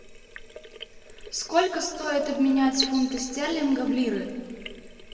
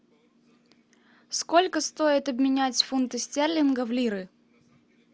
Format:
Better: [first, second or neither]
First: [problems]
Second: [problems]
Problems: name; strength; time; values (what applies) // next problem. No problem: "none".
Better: second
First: background sound (Sink (filling or washing)); 17 dB below the speech // room echo; dies away in 1.8 s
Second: none